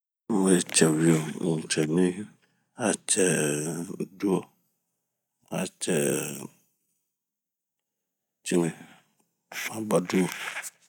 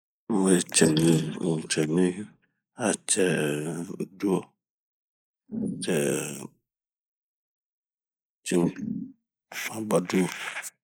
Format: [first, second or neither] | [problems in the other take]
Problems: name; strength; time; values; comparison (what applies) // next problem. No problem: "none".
first | noise reduction (neural mask model Resemble Enhance denoiser)